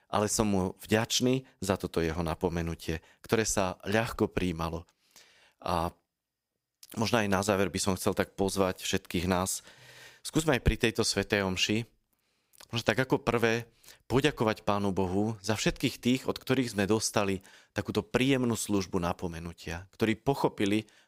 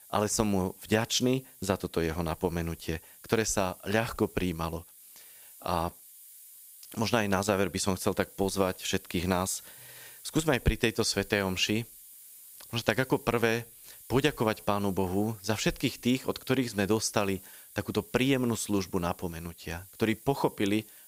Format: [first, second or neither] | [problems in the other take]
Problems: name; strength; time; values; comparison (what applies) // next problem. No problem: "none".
first | hiss; noticeable; throughout; 20 dB below the speech